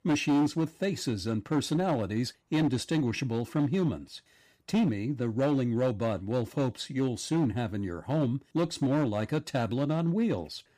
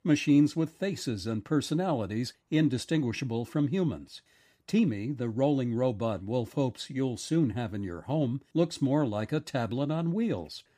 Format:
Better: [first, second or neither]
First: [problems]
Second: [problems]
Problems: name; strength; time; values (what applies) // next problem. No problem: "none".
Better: second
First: distortion; slight; 7% of the sound clipped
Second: none